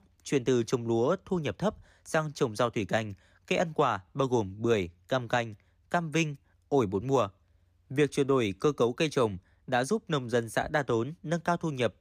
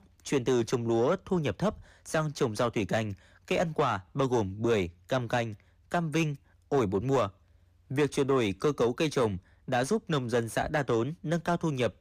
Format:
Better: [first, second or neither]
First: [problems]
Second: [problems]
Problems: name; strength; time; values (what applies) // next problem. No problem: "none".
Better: first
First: none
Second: distortion; slight; 10 dB below the speech